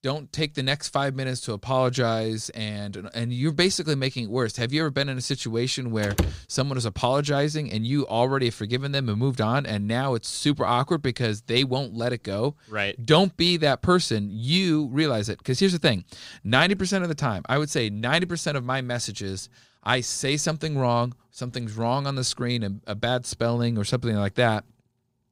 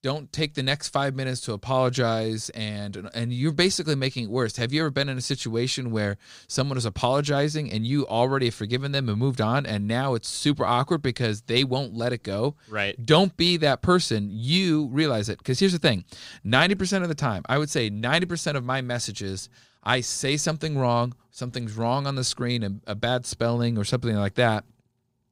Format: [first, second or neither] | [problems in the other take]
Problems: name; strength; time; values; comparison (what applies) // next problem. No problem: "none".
second | door banging; noticeable; at 6 s; peak 3 dB below the speech